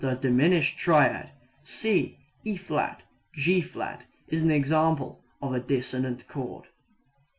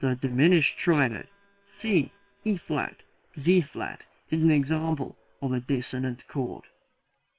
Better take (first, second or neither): first